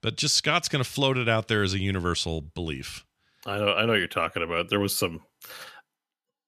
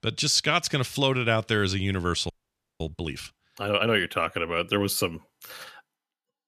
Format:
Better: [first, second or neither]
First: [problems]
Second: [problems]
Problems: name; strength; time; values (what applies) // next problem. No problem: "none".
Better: first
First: none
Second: audio freezing; at 2.5 s for 0.5 s